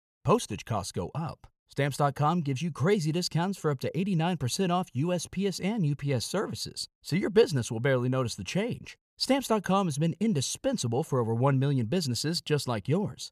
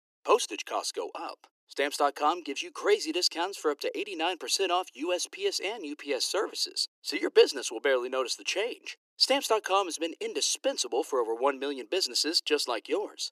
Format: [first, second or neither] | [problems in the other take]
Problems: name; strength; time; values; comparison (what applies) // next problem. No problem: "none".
first | thin; very; fading below 300 Hz